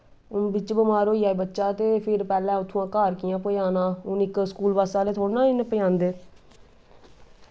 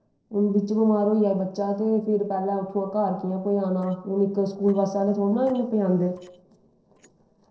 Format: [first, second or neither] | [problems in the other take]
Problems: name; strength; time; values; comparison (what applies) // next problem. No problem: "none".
first | noise reduction (neural separator model SepFormer DNS4)